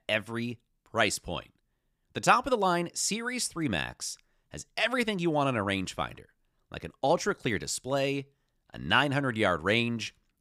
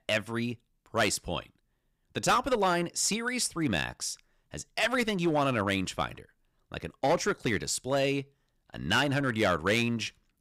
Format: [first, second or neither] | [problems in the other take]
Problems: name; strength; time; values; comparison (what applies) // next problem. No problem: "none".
first | distortion; slight; 3% of the sound clipped